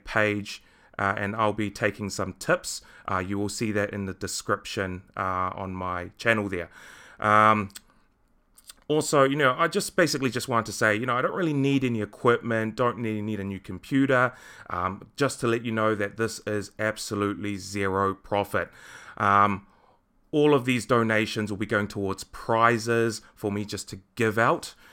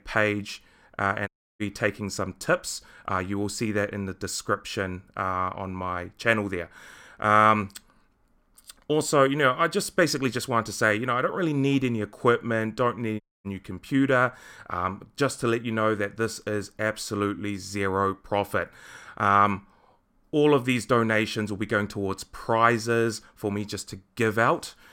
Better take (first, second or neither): first